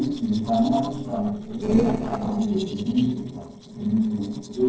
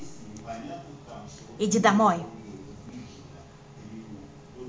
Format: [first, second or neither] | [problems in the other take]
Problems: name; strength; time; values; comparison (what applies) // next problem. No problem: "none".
second | noise reduction (neural separator model SepFormer DNS4)